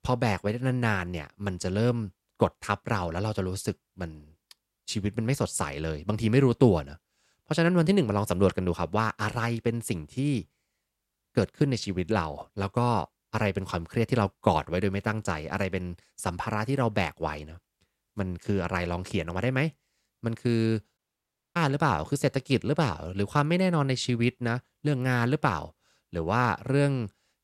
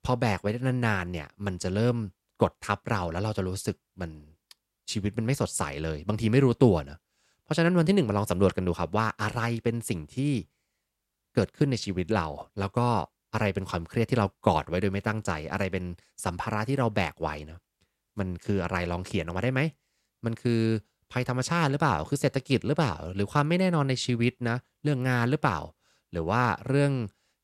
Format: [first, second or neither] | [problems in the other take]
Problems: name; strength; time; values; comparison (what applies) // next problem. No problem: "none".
second | audio cutting out; at 21 s for 0.5 s